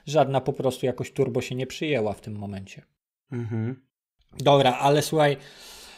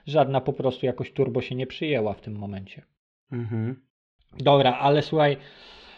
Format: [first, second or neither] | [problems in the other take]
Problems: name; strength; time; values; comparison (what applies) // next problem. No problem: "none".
first | muffled; slightly; fading above 3.5 kHz